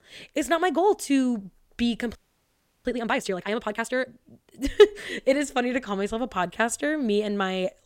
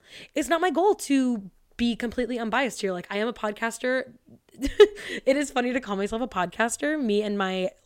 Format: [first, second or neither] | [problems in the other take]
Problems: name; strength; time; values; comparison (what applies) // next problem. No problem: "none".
second | audio freezing; at 2 s for 0.5 s